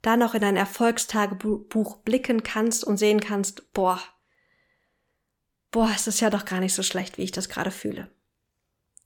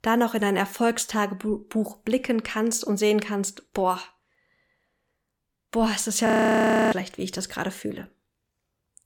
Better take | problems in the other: first | audio freezing; at 6.5 s for 0.5 s

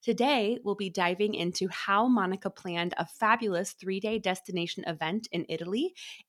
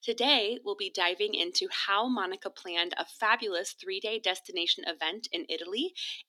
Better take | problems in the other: first | thin; very slightly; fading below 250 Hz

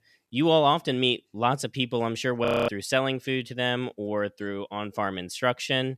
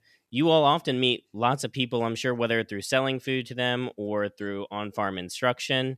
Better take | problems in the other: second | audio freezing; at 2.5 s

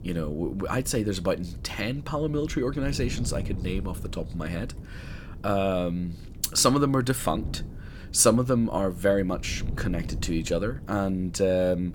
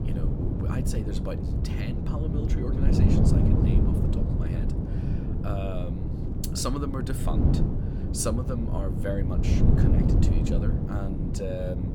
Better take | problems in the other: first | wind noise on the microphone; heavy; 1 dB above the speech; occasional gusts in the first

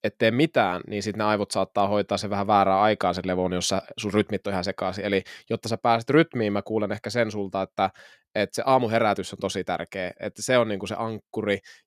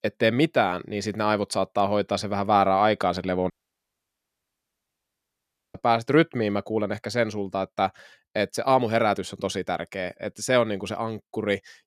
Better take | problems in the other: first | audio cutting out; at 3.5 s for 2 s

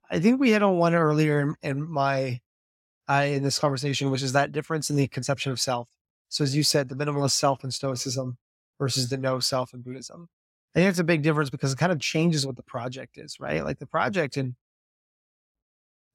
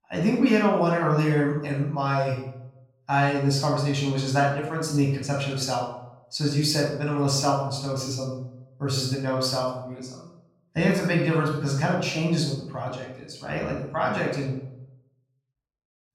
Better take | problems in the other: first | off-mic speech; somewhat distant // room echo; noticeable; dies away in 0.6 s

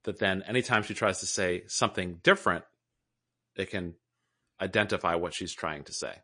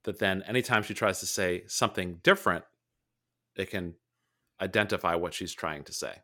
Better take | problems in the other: second | garbled, watery; slightly; nothing above 9 kHz

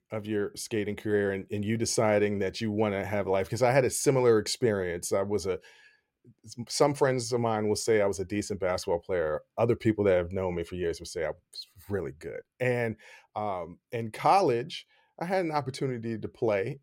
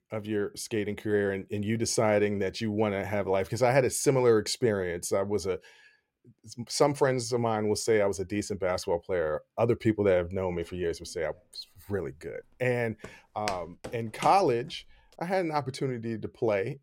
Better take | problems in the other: first | footsteps; faint; from 13 to 14 s; peak 10 dB below the speech

